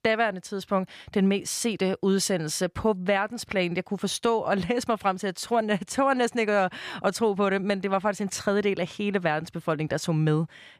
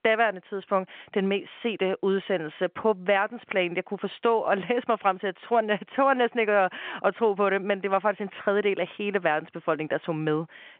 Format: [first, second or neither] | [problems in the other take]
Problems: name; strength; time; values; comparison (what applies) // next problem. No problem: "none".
first | phone-call audio